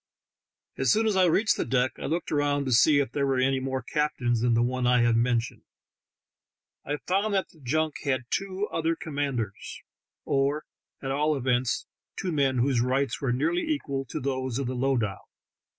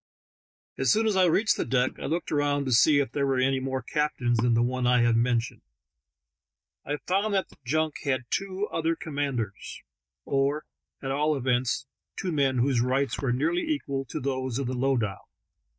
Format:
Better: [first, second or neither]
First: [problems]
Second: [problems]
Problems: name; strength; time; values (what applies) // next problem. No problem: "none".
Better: first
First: none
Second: noise reduction (neural mask model DeepFilterNet 3)